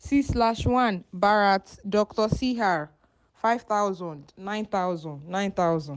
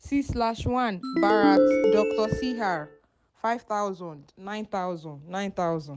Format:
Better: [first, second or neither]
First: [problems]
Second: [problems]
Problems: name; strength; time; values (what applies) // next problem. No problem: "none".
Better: first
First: none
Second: background sound (Ringtone); 5 dB above the speech